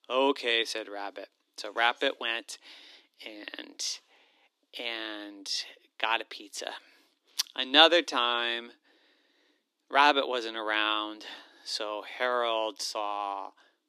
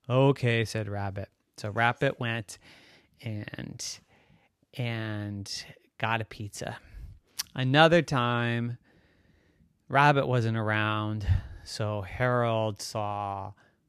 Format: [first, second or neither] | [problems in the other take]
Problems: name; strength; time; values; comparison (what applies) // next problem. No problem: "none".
second | thin; somewhat; fading below 300 Hz